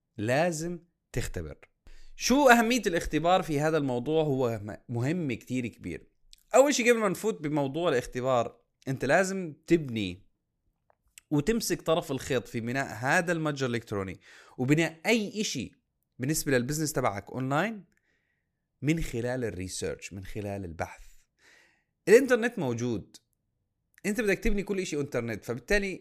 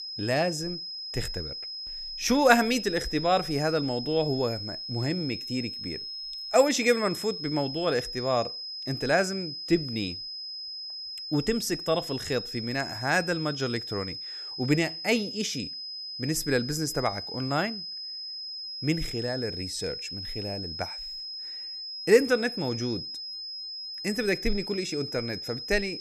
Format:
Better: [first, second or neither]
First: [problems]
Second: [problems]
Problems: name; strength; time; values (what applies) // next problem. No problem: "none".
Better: first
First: none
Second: high-pitched whine; loud; throughout; 5 kHz, 6 dB below the speech